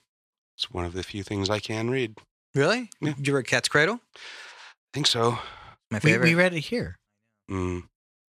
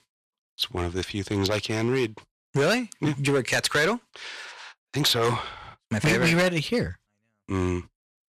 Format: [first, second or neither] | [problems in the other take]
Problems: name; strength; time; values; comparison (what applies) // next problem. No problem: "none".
first | distortion; heavy; 6% of the sound clipped